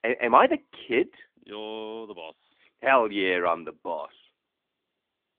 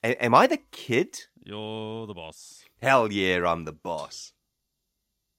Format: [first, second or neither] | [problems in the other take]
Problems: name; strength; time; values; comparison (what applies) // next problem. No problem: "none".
second | phone-call audio; nothing above 3.5 kHz